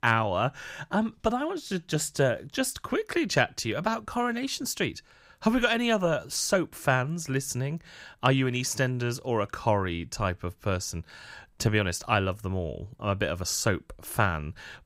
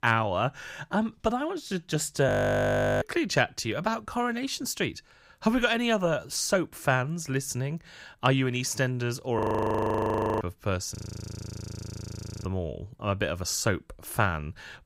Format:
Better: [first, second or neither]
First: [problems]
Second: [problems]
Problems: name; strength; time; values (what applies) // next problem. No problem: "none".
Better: first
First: none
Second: audio freezing; at 2.5 s for 0.5 s, at 9.5 s for 1 s and at 11 s for 1.5 s